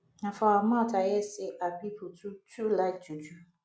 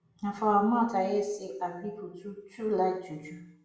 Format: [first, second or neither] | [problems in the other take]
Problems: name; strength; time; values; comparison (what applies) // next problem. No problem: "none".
first | room echo; dies away in 0.7 s